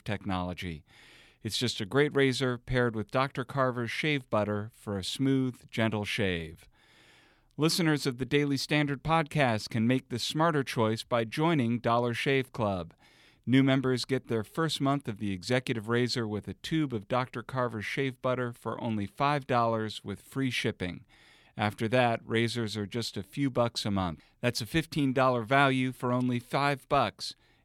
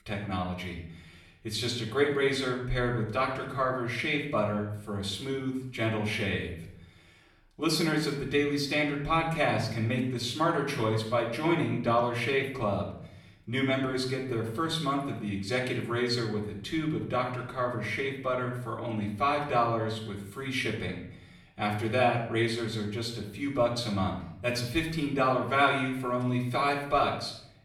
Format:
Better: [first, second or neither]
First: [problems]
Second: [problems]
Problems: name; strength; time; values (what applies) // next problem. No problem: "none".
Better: first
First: none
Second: off-mic speech; far // room echo; slight; dies away in 0.6 s